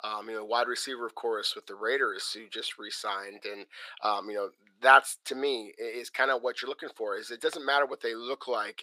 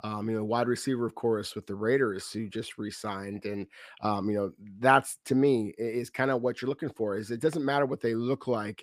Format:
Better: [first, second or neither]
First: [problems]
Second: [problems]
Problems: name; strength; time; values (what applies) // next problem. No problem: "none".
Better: second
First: thin; very; fading below 500 Hz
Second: none